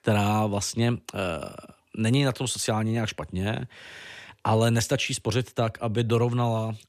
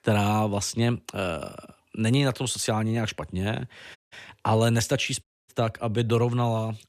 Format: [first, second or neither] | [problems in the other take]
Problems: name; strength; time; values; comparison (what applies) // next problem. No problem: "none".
first | audio cutting out; at 4 s and at 5 s